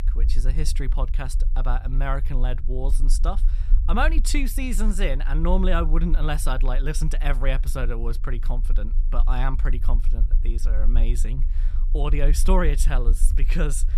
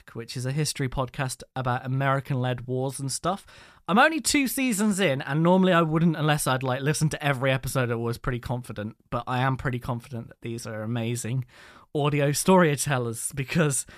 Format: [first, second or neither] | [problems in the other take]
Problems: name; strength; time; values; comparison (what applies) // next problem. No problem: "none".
second | low rumble; noticeable; throughout; 20 dB below the speech